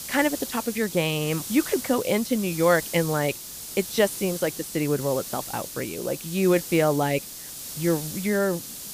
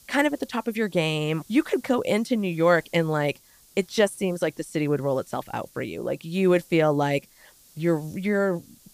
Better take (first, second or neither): second